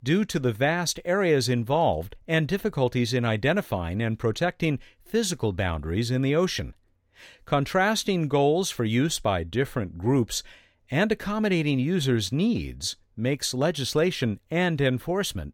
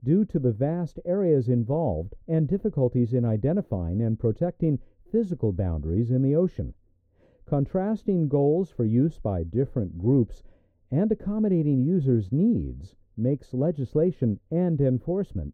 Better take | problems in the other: first | muffled; very; fading above 1 kHz

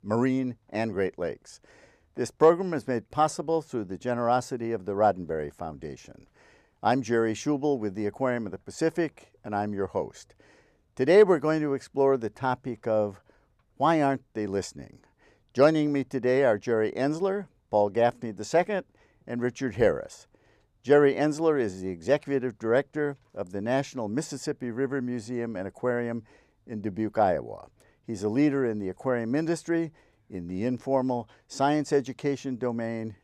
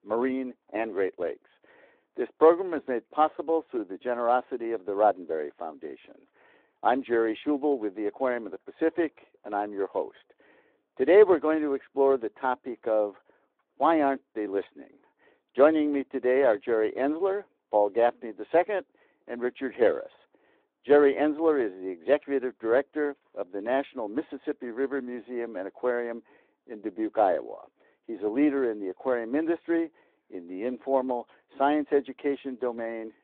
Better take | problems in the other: first | phone-call audio; nothing above 3.5 kHz

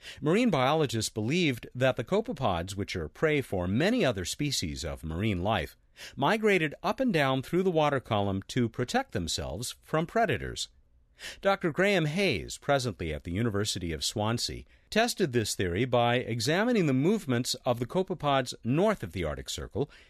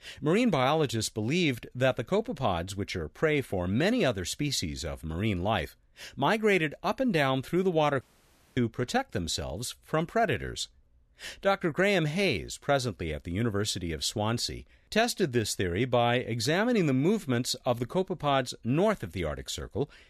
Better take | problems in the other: first | audio cutting out; at 8 s for 0.5 s

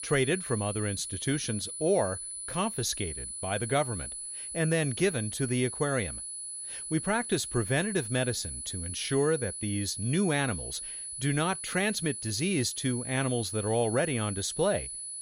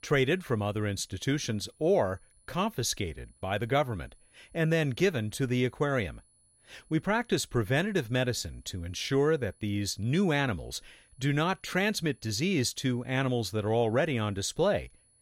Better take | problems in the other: second | high-pitched whine; loud; throughout; 10 kHz, 6 dB below the speech; faint in the second

